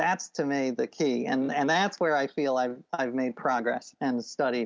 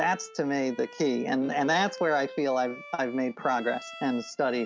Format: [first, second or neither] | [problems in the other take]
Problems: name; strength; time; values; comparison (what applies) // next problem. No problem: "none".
first | background sound (Bowed string instrument); 17 dB below the speech